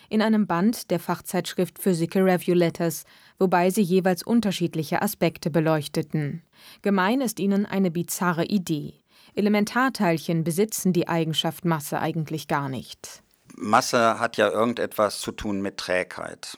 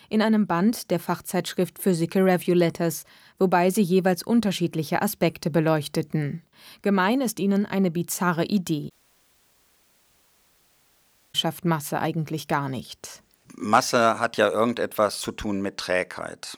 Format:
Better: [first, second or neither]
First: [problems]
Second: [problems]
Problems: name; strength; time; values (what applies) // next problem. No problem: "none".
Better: first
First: none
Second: audio cutting out; at 9 s for 2.5 s